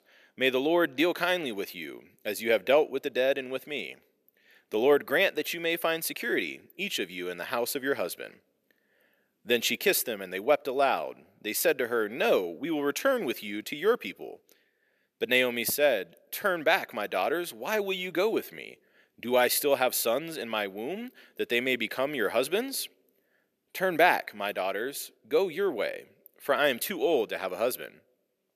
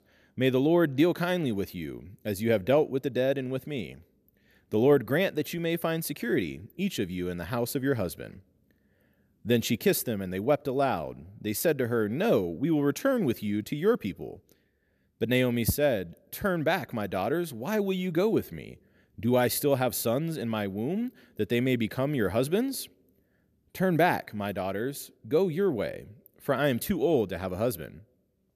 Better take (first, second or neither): second